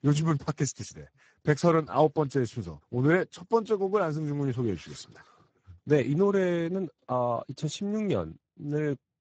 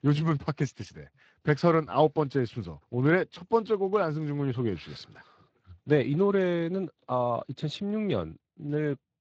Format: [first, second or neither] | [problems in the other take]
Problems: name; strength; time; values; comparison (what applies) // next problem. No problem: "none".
second | garbled, watery; badly; nothing above 7.5 kHz; slightly in the second